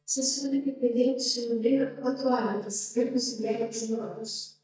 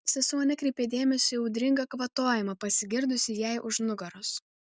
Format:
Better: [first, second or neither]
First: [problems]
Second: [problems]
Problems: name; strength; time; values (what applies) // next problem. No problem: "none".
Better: second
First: noise reduction (neural mask model DeepFilterNet 3)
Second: none